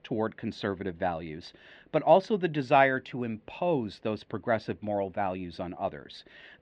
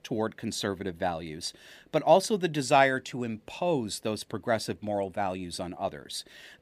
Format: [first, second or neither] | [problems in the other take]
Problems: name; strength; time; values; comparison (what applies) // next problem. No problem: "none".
second | muffled; slightly; fading above 3 kHz